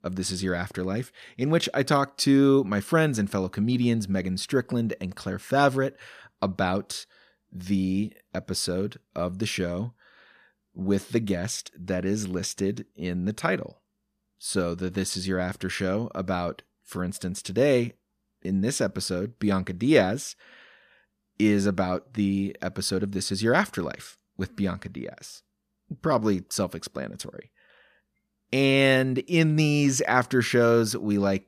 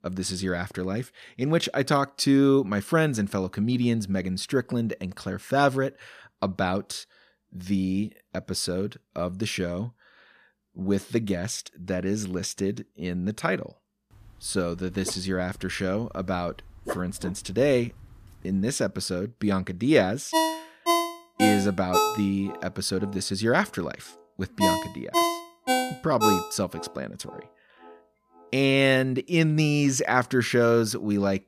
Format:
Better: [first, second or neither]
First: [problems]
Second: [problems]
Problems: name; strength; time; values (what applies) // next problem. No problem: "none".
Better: first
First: none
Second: dog barking; noticeable; from 15 to 18 s; peak 9 dB below the speech // phone ringing; loud; from 20 to 27 s; peak 2 dB above the speech